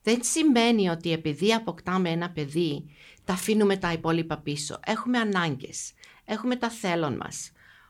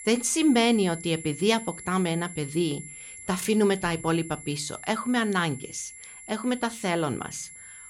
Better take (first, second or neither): first